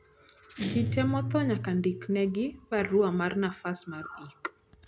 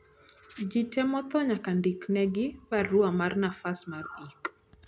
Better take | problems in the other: second | background sound (Guitar); 8 dB below the speech

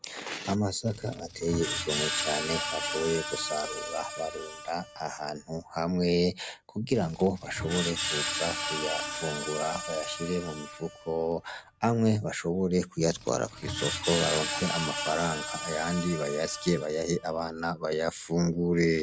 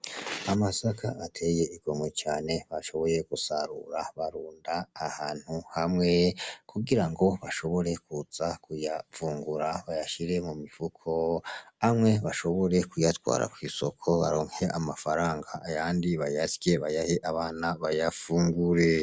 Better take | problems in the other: second | background sound (Screech); 6 dB below the speech

